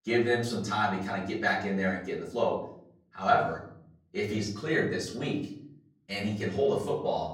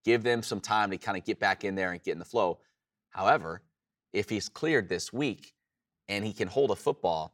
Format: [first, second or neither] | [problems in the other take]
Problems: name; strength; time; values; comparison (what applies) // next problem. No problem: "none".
second | off-mic speech; far // room echo; slight; dies away in 0.6 s